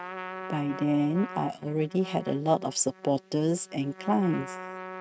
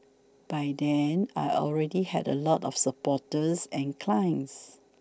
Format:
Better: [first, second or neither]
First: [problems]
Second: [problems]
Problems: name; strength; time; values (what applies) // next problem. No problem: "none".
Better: second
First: noise reduction (neural mask model RNNoise)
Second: none